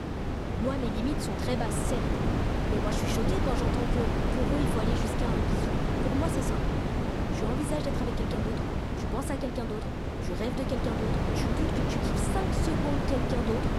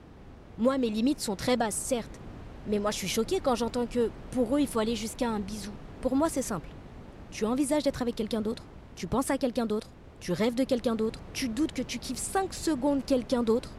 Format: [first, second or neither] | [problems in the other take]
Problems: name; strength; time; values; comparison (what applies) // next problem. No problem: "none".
second | wind noise on the microphone; heavy; 3 dB above the speech; occasional gusts in the second